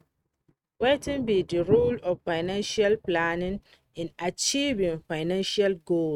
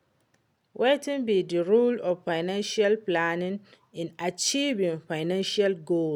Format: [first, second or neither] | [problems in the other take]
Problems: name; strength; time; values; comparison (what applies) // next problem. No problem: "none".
second | noise reduction (neural mask model RNNoise)